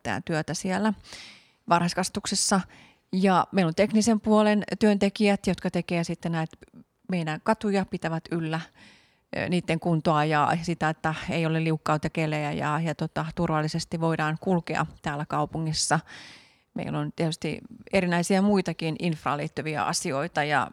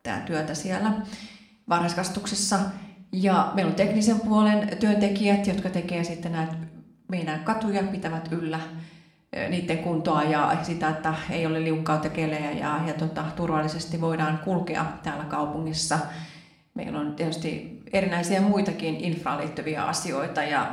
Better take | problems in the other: first | room echo; slight; dies away in 0.6 s

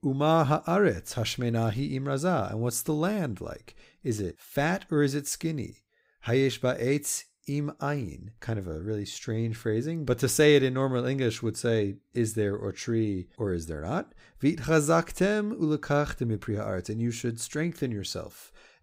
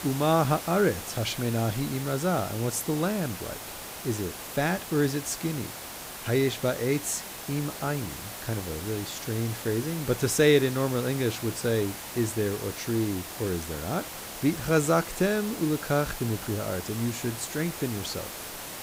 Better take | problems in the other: first | hiss; loud; throughout; 9 dB below the speech

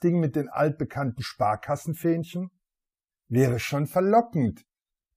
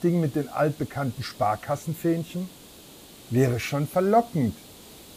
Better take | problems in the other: first | hiss; noticeable; throughout; 20 dB below the speech

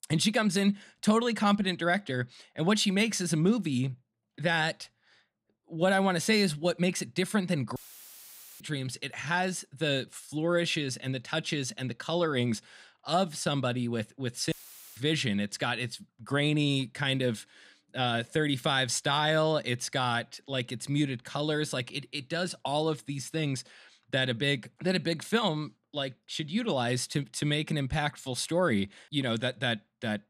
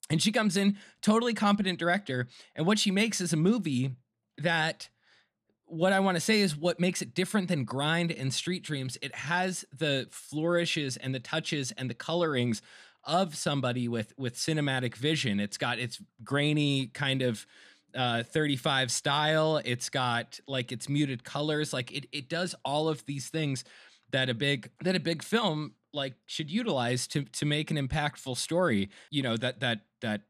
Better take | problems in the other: second | audio cutting out; filled with static; at 8 s for 1 s and at 15 s

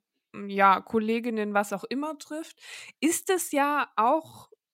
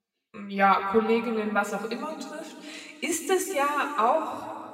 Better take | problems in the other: first | room echo; slight; dies away in 2.2 s // off-mic speech; somewhat distant

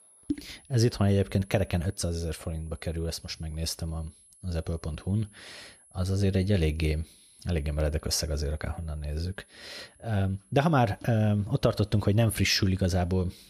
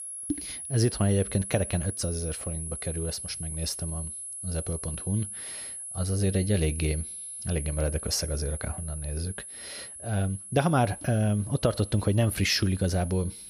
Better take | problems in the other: first | high-pitched whine; loud; throughout; 10.5 kHz, 8 dB below the speech; faint in the first

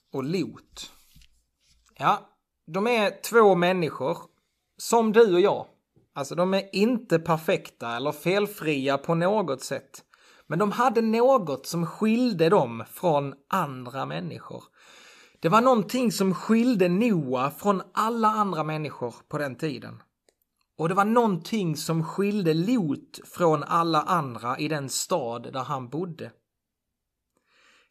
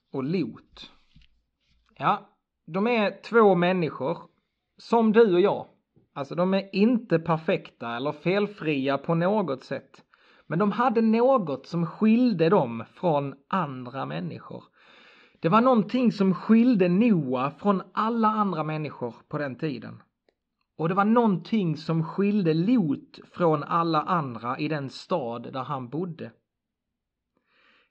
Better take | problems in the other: first | muffled; slightly; fading above 4 kHz

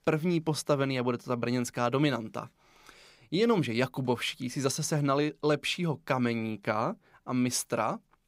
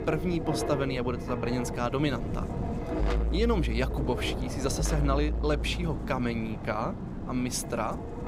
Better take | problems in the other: first | wind noise on the microphone; heavy; 6 dB below the speech

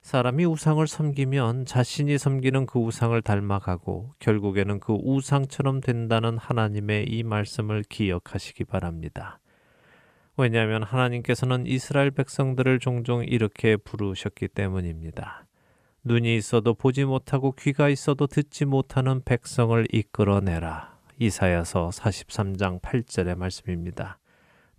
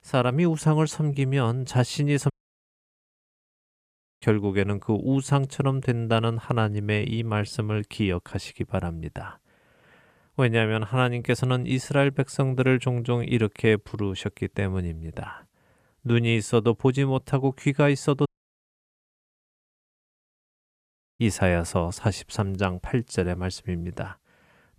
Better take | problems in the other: first | audio cutting out; at 2.5 s for 2 s and at 18 s for 3 s

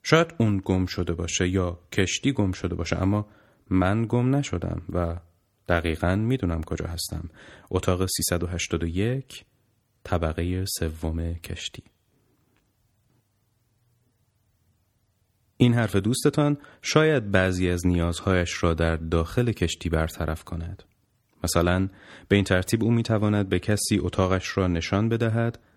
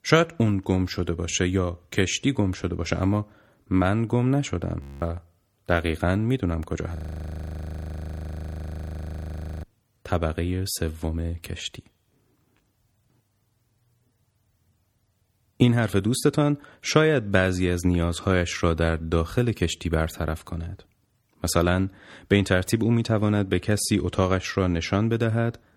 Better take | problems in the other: first | audio freezing; at 5 s and at 7 s for 2.5 s

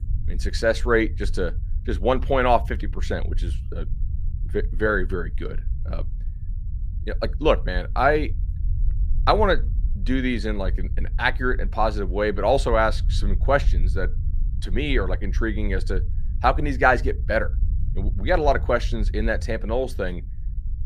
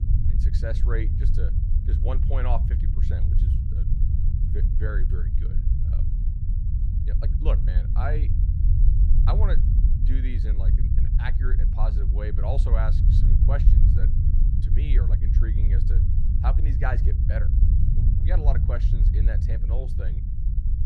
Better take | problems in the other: first | low rumble; loud; throughout; 4 dB below the speech; faint in the first

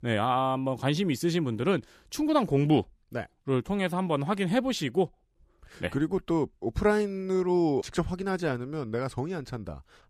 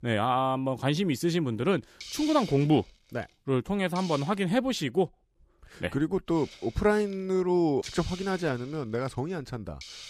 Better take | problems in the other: first | hiss; noticeable; from 1.5 to 4.5 s and from 6.5 s on; 15 dB below the speech

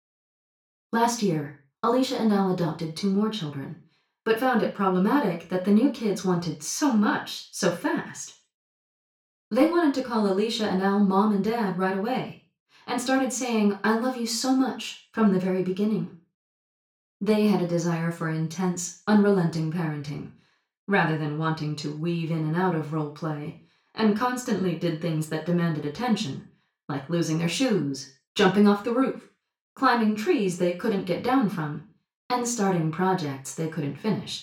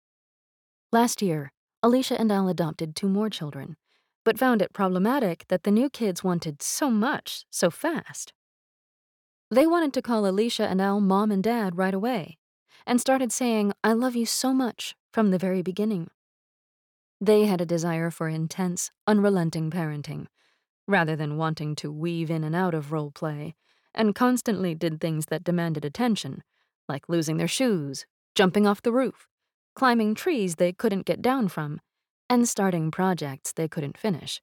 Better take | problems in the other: second | room echo; slight; dies away in 0.3 s // off-mic speech; far

